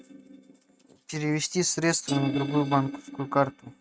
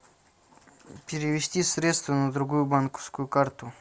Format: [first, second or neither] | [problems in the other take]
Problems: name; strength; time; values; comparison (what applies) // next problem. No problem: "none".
second | noise reduction (neural mask model RNNoise)